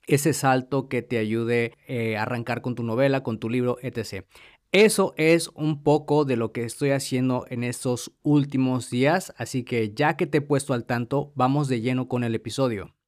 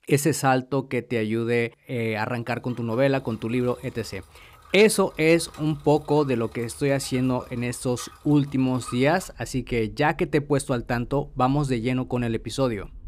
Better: first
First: none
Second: traffic noise; faint; from 2.5 s on; 25 dB below the speech

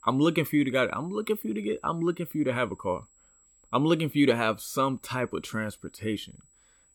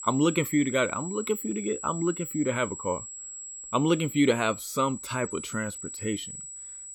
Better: first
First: high-pitched whine; faint; throughout; 7.5 kHz, 30 dB below the speech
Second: high-pitched whine; loud; throughout; 7.5 kHz, 9 dB below the speech

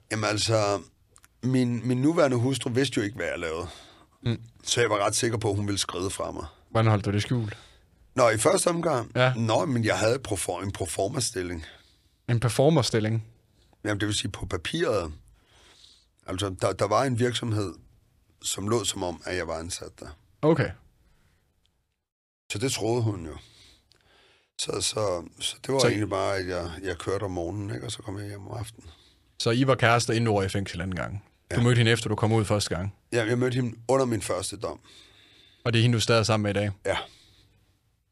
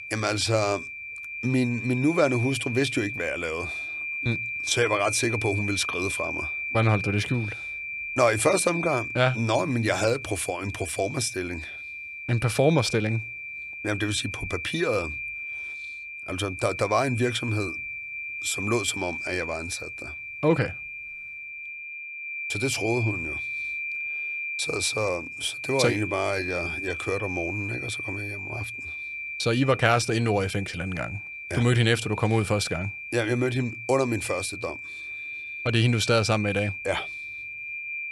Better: first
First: none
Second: high-pitched whine; loud; throughout; 2.5 kHz, 6 dB below the speech

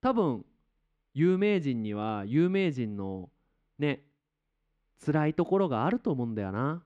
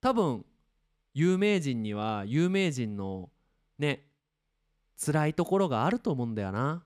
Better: second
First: muffled; slightly; fading above 3 kHz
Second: none

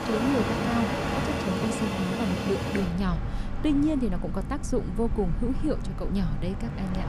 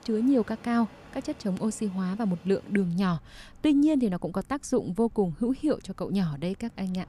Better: second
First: train or aircraft noise; loud; throughout; 1 dB below the speech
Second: train or aircraft noise; faint; throughout; 25 dB below the speech

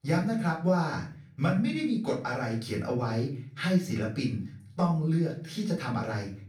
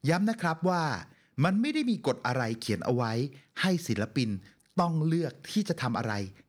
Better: second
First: room echo; slight; dies away in 0.5 s // off-mic speech; far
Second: none

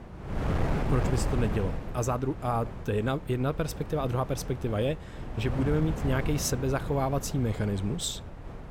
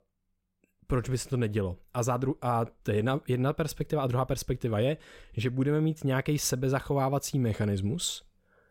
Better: second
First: wind noise on the microphone; heavy; 7 dB below the speech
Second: none

